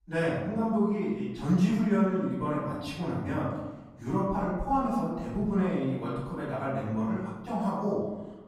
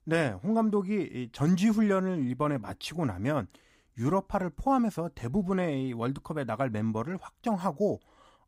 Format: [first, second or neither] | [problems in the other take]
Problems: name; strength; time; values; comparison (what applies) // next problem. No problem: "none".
second | off-mic speech; far // room echo; noticeable; dies away in 1 s